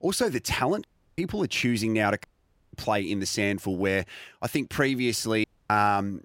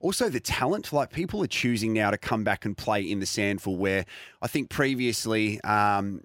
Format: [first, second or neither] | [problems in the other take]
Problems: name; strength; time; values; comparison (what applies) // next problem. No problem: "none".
second | audio cutting out; at 1 s, at 2 s and at 5.5 s